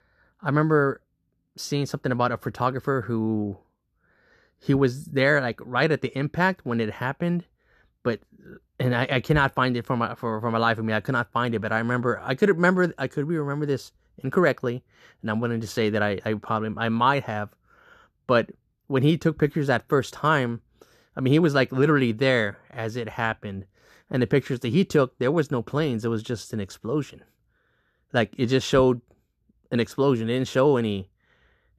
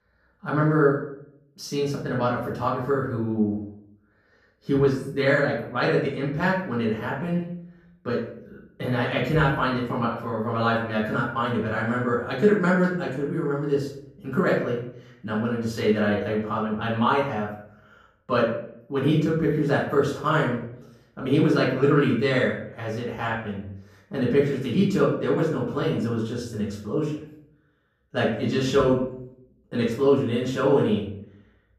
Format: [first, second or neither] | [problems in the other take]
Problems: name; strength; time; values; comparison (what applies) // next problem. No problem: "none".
first | off-mic speech; far // room echo; noticeable; dies away in 0.5 s